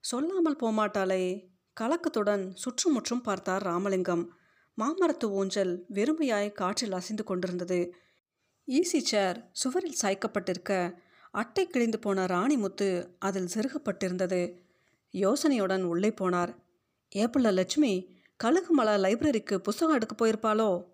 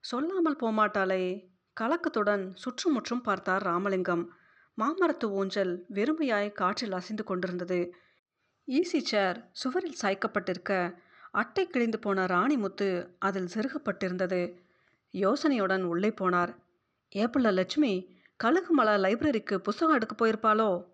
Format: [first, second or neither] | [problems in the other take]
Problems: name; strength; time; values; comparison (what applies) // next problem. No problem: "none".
first | muffled; very slightly; fading above 5 kHz